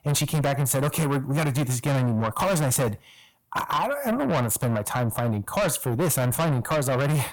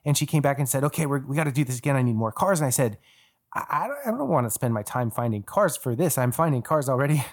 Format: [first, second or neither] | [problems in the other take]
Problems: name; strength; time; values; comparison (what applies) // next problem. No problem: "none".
second | distortion; heavy; 6 dB below the speech